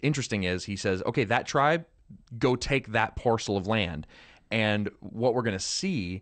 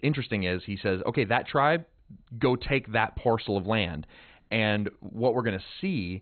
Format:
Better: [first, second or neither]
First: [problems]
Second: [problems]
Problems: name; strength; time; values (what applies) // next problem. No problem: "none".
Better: first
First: garbled, watery; slightly; nothing above 8.5 kHz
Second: garbled, watery; badly; nothing above 4 kHz